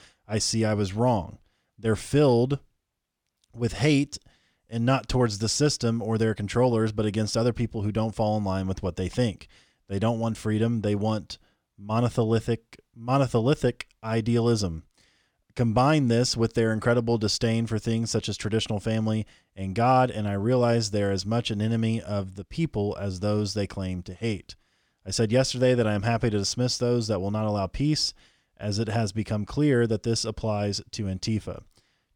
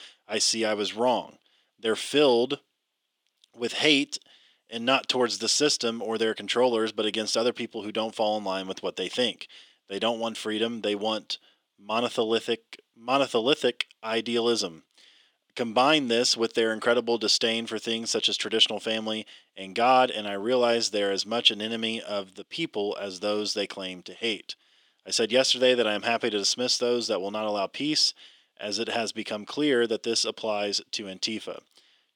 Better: first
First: none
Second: thin; somewhat; fading below 300 Hz

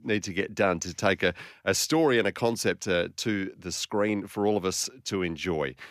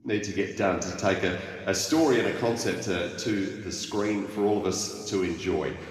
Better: first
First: none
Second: room echo; noticeable; dies away in 1.8 s // off-mic speech; far

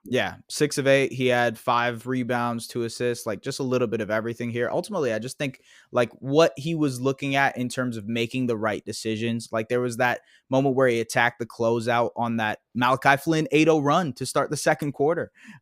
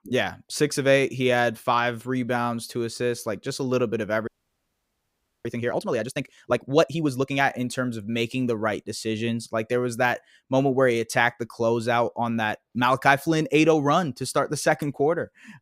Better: first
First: none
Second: audio freezing; at 4.5 s for 1 s

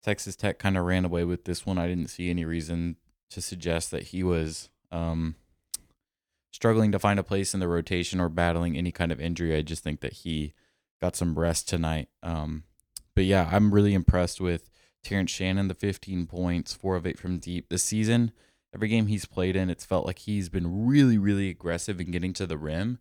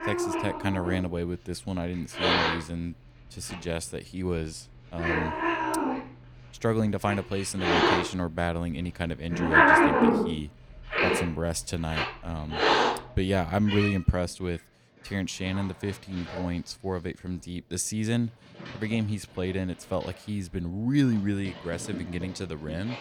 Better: first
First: none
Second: animal sounds; very loud; throughout; 5 dB above the speech

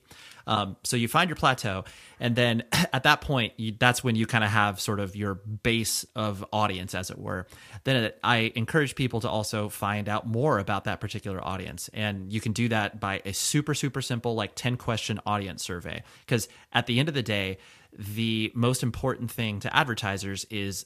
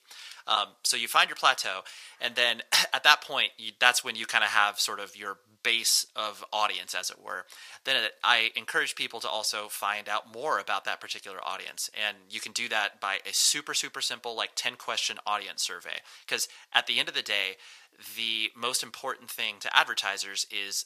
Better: first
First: none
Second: thin; very; fading below 800 Hz

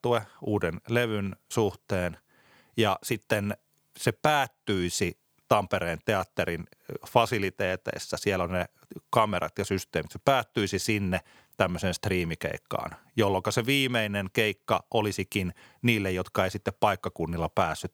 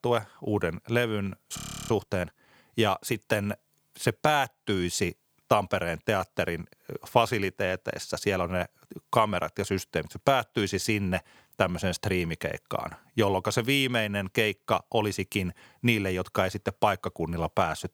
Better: first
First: none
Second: audio freezing; at 1.5 s

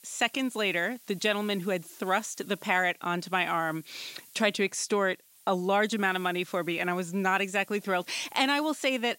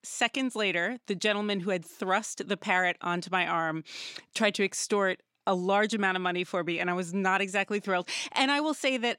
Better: second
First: hiss; faint; throughout; 25 dB below the speech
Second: none

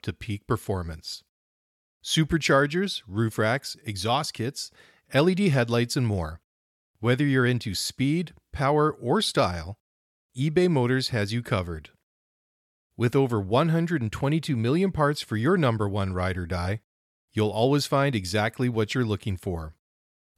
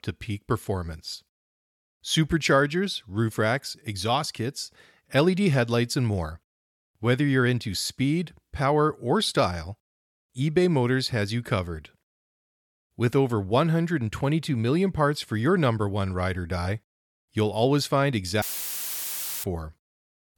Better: first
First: none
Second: audio cutting out; filled with static; at 18 s for 1 s

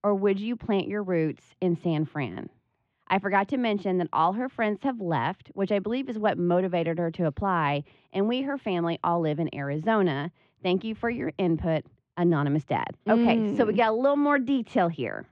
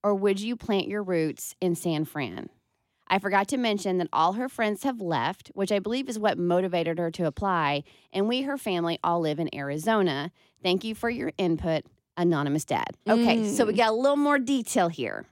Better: second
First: muffled; very; fading above 2.5 kHz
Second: none

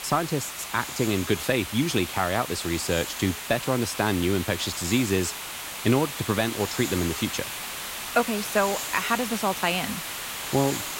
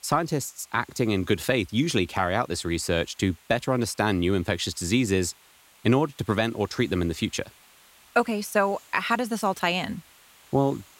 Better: second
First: hiss; loud; throughout; 6 dB below the speech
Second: hiss; faint; throughout; 25 dB below the speech

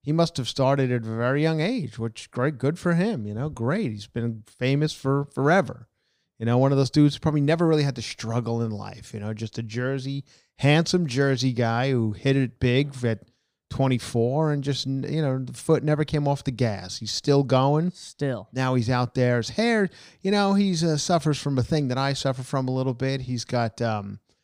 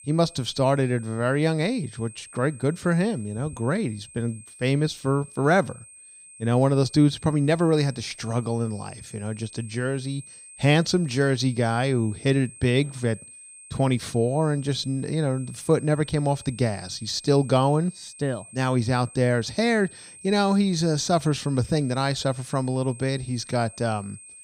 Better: first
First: none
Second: high-pitched whine; noticeable; throughout; 8.5 kHz, 20 dB below the speech

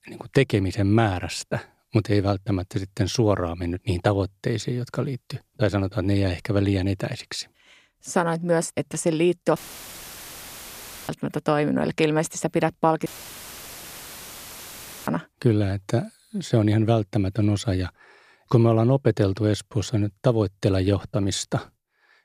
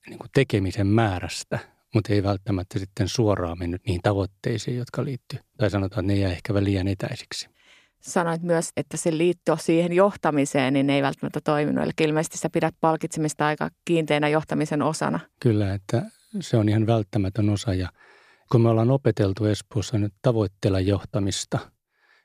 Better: second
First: audio cutting out; filled with static; at 9.5 s for 1.5 s and at 13 s for 2 s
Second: none

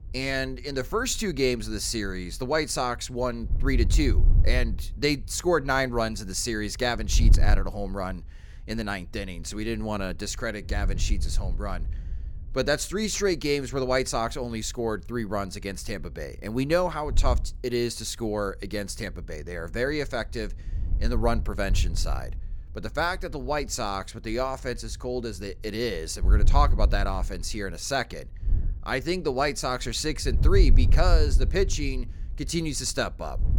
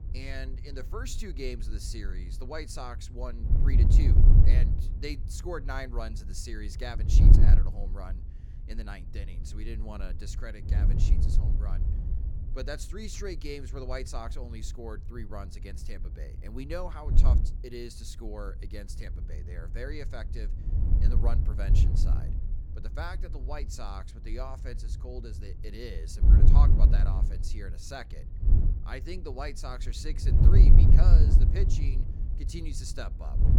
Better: first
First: wind noise on the microphone; occasional gusts; 20 dB below the speech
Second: wind noise on the microphone; heavy; as loud as the speech

